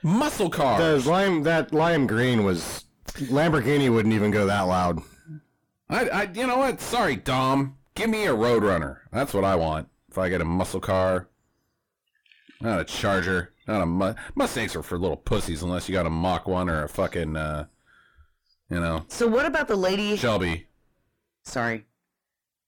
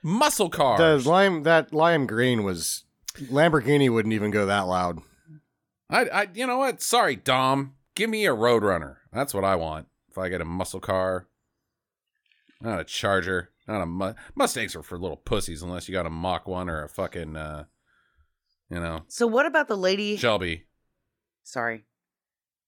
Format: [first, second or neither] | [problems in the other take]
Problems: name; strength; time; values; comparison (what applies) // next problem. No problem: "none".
second | distortion; heavy; 4 dB below the speech